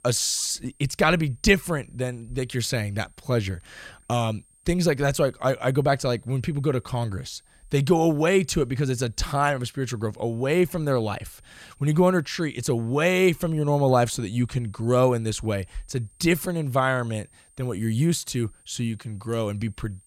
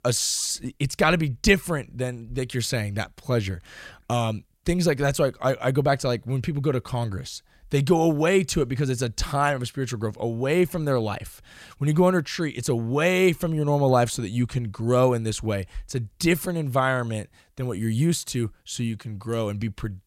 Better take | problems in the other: second | high-pitched whine; faint; throughout; 8.5 kHz, 30 dB below the speech

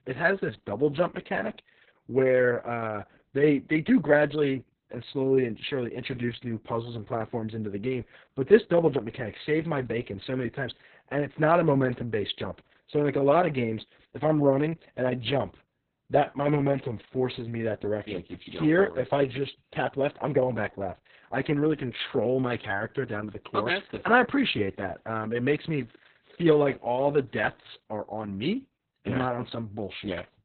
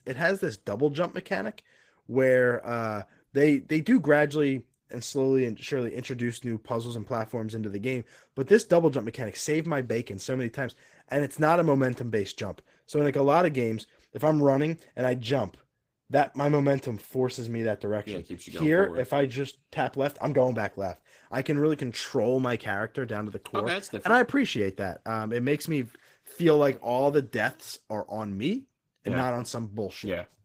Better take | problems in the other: second | garbled, watery; badly; nothing above 4 kHz; slightly in the second

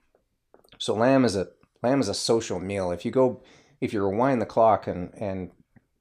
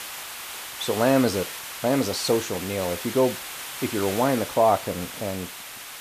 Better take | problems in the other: first | hiss; loud; throughout; 8 dB below the speech

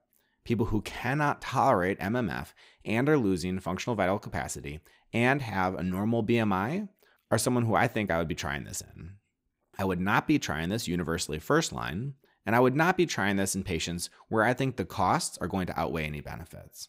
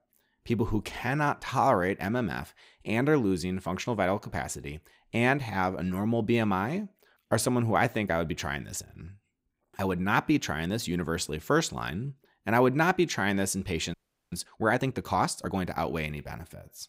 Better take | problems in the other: first | audio freezing; at 14 s

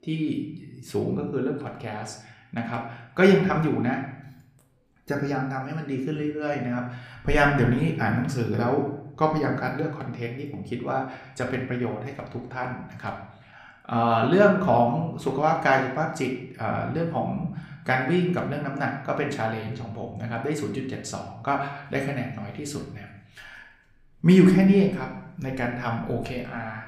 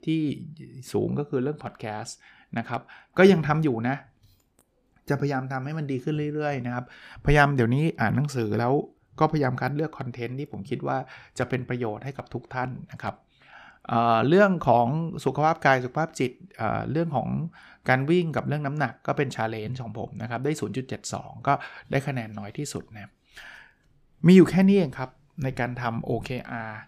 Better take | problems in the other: second | room echo; slight; dies away in 0.6 s // off-mic speech; somewhat distant

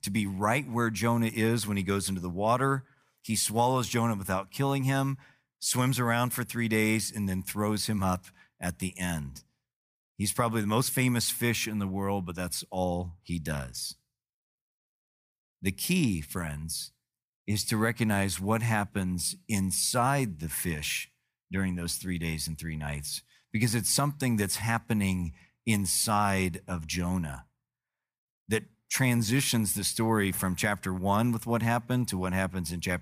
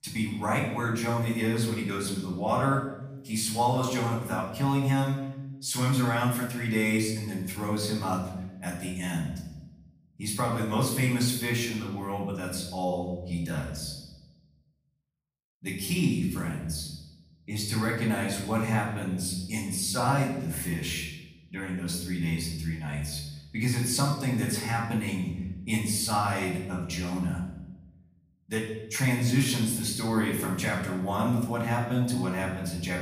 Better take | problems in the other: first | room echo; noticeable; dies away in 0.9 s // off-mic speech; far

